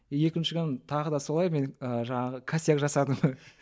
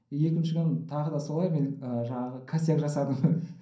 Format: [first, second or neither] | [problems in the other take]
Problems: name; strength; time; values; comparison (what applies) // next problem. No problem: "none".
first | room echo; dies away in 0.6 s